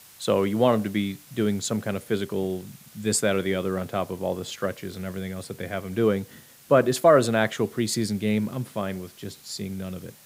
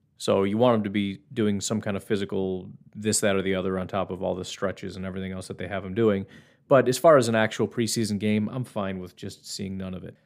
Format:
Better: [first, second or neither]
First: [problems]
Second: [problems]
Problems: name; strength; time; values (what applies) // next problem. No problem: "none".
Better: second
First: hiss; faint; throughout; 25 dB below the speech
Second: none